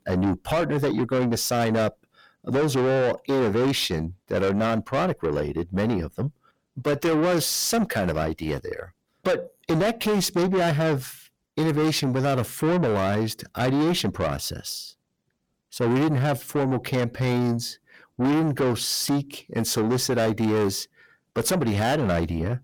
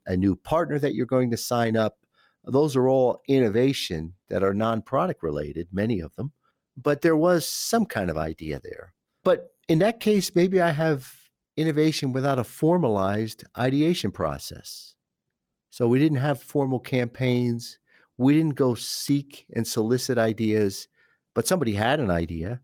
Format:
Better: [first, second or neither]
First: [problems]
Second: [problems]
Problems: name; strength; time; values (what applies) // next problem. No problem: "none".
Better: second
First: distortion; heavy; 7 dB below the speech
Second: none